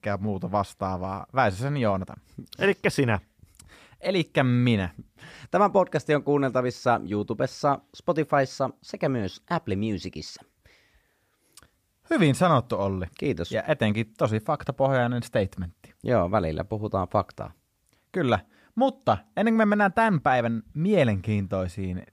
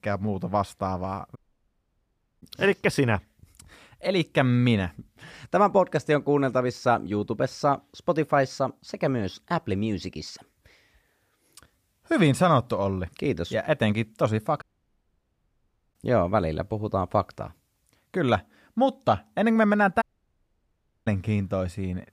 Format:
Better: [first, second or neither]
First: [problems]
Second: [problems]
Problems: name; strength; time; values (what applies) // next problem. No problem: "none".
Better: first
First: none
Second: audio cutting out; at 1.5 s for 1 s, at 15 s for 1.5 s and at 20 s for 1 s